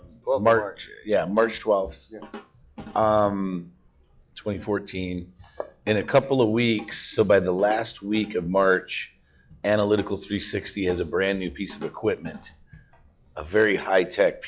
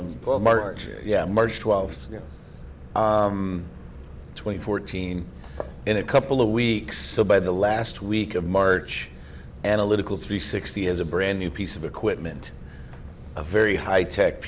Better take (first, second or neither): second